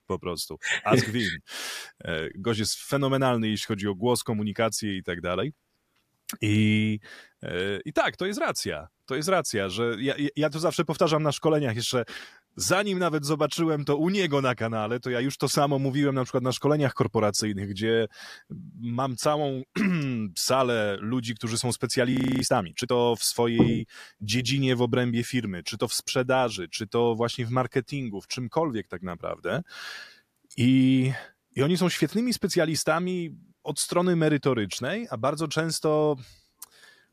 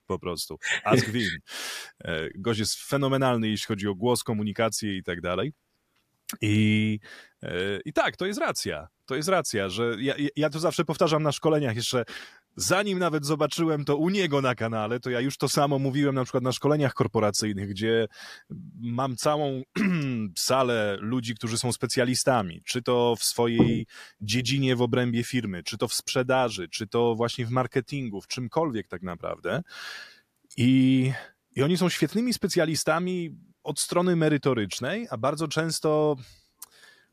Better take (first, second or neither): second